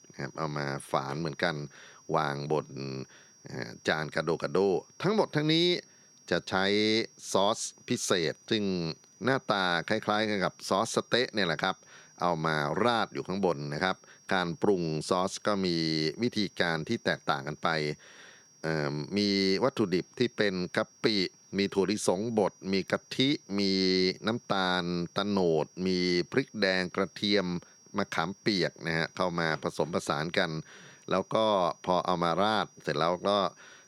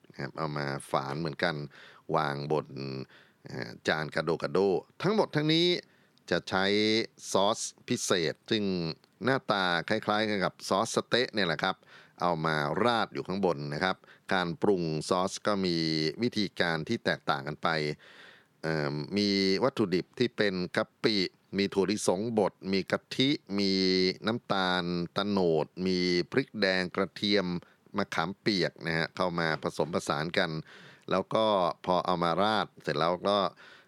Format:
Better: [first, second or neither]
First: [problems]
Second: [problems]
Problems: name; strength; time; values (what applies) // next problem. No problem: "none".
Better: second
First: high-pitched whine; faint; throughout; 5.5 kHz, 25 dB below the speech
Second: none